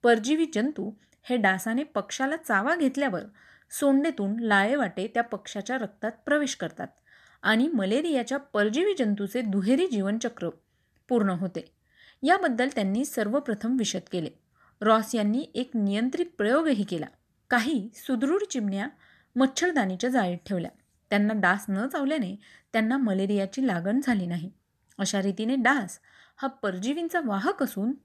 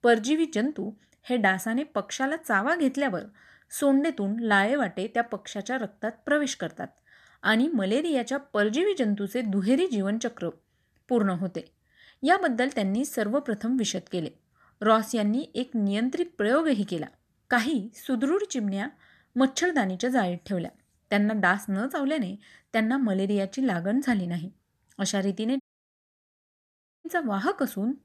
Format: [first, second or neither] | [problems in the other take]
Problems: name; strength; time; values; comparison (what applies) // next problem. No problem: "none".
first | audio cutting out; at 26 s for 1.5 s